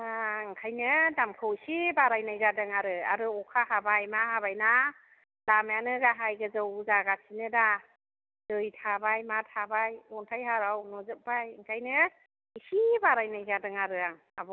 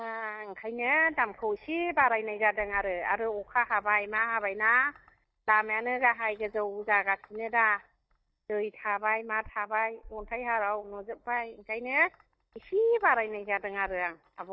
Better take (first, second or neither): first